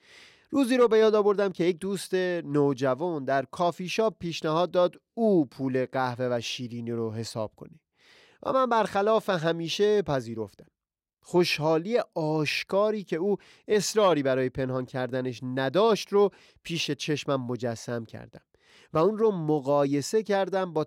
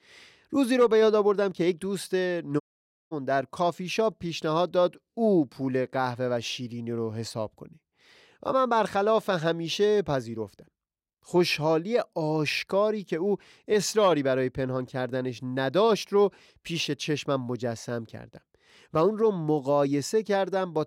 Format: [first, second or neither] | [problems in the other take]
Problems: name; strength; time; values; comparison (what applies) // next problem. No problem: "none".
first | audio cutting out; at 2.5 s for 0.5 s